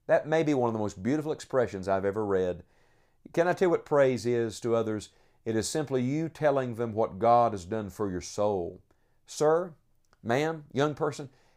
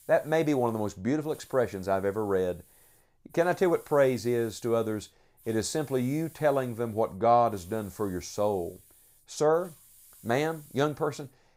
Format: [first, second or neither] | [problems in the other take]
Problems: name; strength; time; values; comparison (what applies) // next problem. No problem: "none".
first | hiss; faint; throughout; 25 dB below the speech